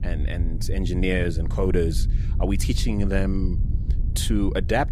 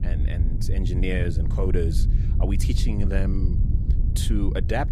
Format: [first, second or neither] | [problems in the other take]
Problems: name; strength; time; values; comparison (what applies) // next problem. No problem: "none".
first | wind noise on the microphone; heavy; 7 dB below the speech; occasional gusts in the first